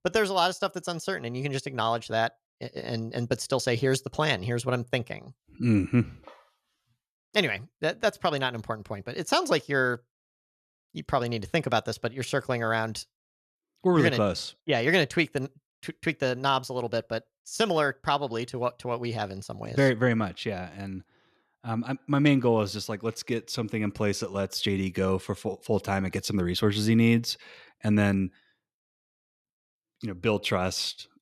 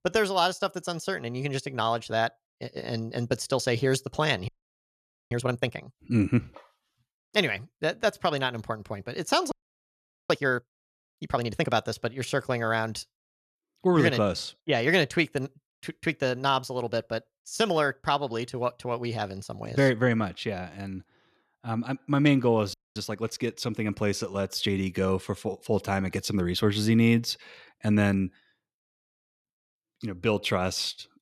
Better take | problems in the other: first | audio freezing; at 4.5 s for 1 s, at 9.5 s for 1 s and at 23 s

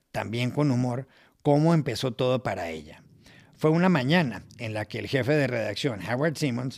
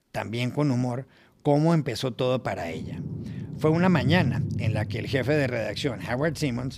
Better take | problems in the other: first | rain or running water; loud; throughout; 7 dB below the speech; faint in the first

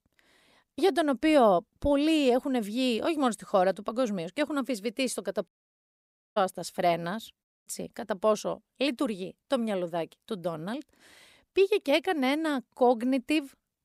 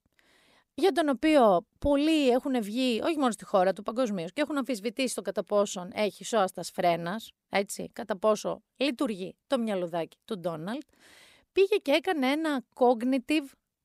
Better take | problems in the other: second | audio cutting out; at 5.5 s for 1 s and at 7.5 s

